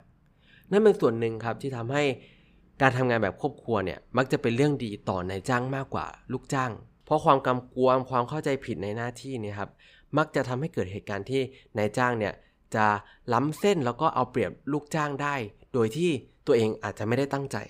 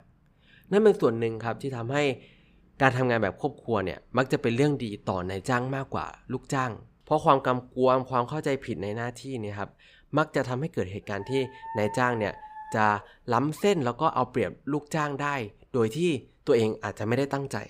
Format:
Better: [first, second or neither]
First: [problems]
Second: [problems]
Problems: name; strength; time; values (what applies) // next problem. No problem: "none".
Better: first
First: none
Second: dog barking; faint; from 11 to 13 s; peak 10 dB below the speech